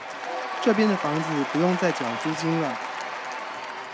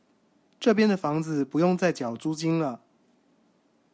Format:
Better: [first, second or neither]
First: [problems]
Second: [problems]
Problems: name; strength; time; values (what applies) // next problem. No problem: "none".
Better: second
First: background sound (Applause / Crowd / Cheering); 4 dB below the speech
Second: none